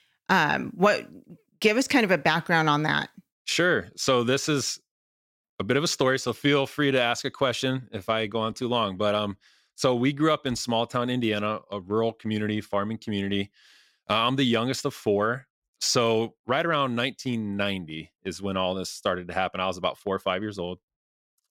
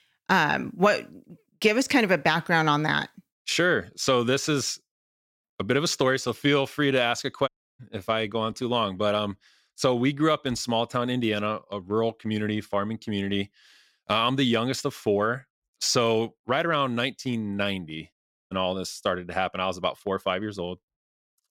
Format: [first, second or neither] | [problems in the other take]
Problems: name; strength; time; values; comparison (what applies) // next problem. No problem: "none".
first | audio cutting out; at 7.5 s and at 18 s